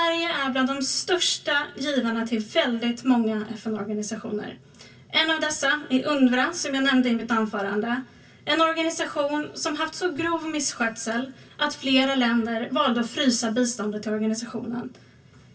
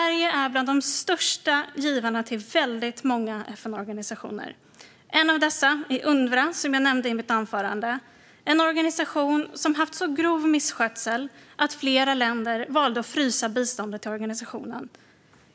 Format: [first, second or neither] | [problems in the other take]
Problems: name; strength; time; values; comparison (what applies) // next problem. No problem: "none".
second | room echo; dies away in 0.1 s